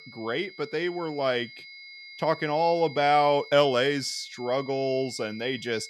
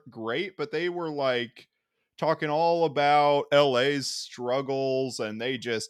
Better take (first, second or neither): second